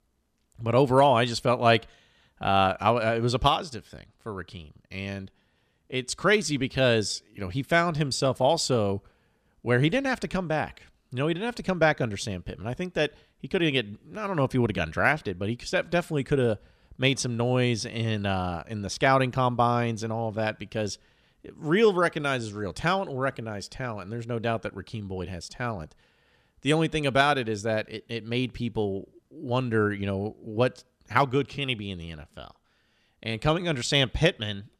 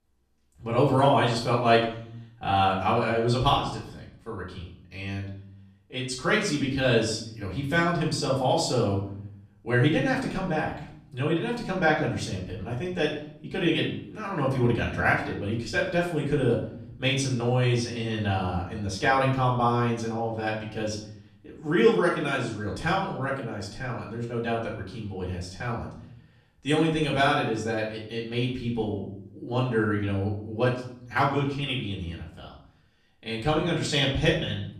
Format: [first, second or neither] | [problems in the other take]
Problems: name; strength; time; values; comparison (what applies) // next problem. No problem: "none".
first | off-mic speech; far // room echo; noticeable; dies away in 0.6 s